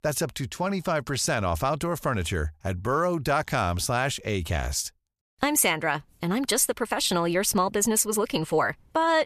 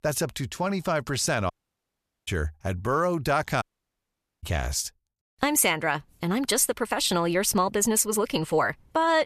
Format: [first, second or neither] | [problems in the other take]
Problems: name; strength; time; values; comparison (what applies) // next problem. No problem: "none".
first | audio cutting out; at 1.5 s for 1 s and at 3.5 s for 1 s